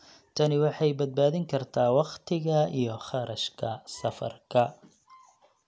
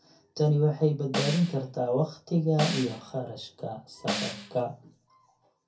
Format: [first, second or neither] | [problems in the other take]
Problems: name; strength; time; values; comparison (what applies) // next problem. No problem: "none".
first | background sound (Snare drum); 8 dB below the speech // room echo; dies away in 0.3 s